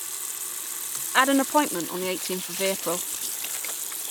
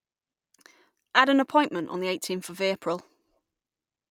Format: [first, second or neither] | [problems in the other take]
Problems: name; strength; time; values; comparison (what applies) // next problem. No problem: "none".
second | background sound (Sink (filling or washing) / Water tap, faucet); 3 dB below the speech